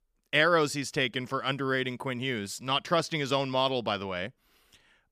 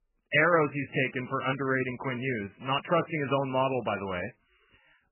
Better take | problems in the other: first | garbled, watery; badly; nothing above 3 kHz

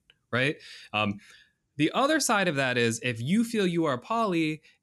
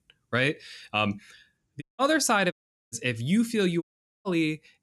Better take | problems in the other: first | audio cutting out; at 2 s, at 2.5 s and at 4 s

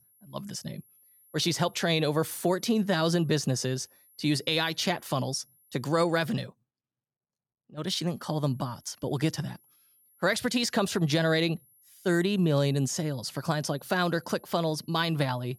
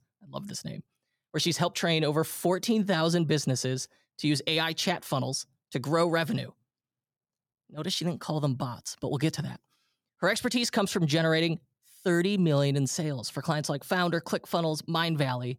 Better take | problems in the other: second | high-pitched whine; faint; until 6 s and from 8 s on; 11.5 kHz, 30 dB below the speech

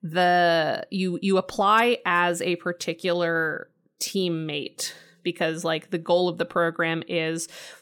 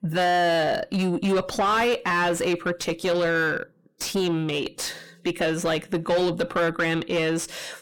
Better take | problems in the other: first | distortion; heavy; 7 dB below the speech

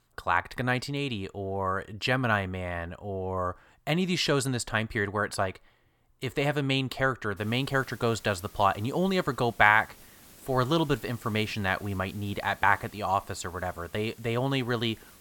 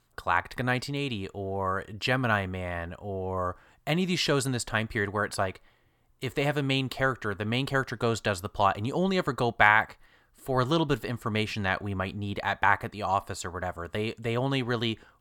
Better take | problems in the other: second | hiss; faint; from 7.5 s on; 25 dB below the speech

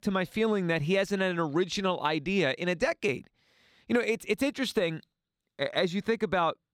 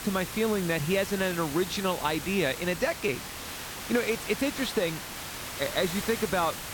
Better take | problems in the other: first | hiss; loud; throughout; 7 dB below the speech

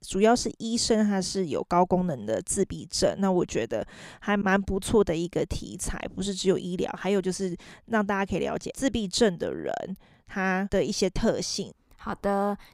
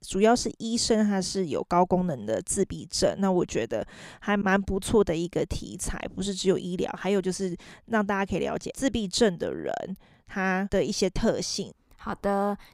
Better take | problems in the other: neither | none

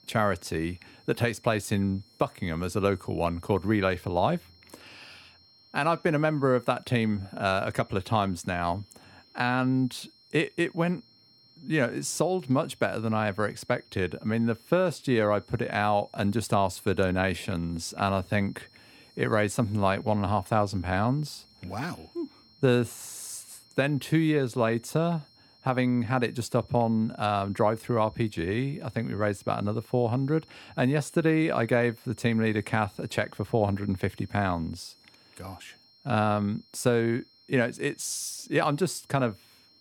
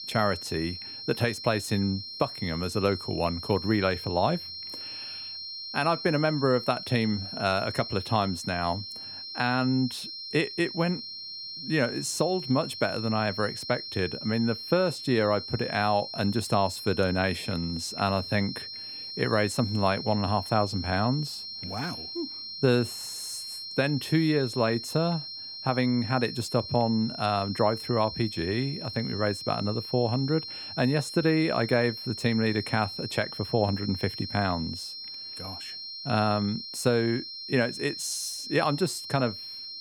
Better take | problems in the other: first | high-pitched whine; loud; throughout; 4 kHz, 8 dB below the speech; faint in the first

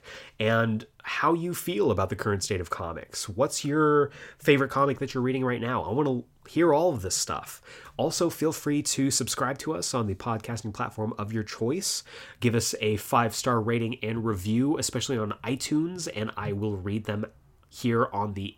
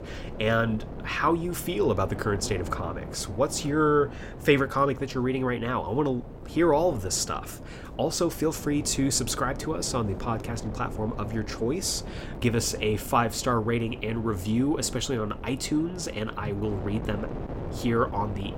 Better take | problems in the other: first | wind noise on the microphone; occasional gusts; 15 dB below the speech

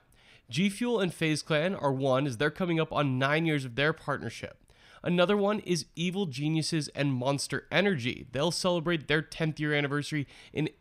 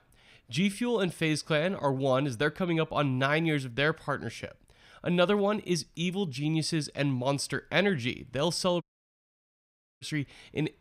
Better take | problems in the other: first | audio cutting out; at 9 s for 1 s

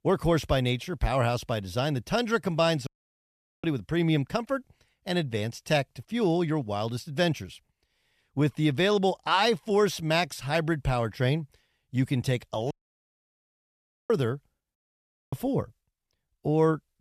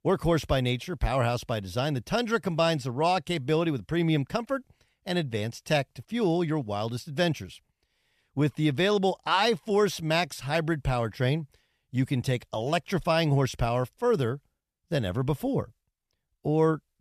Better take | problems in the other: second | audio cutting out; at 3 s for 1 s, at 13 s for 1.5 s and at 15 s for 0.5 s

